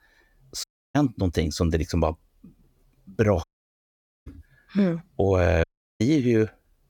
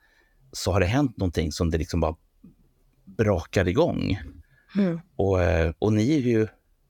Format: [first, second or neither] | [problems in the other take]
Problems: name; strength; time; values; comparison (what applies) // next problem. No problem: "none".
second | audio cutting out; at 0.5 s, at 3.5 s for 1 s and at 5.5 s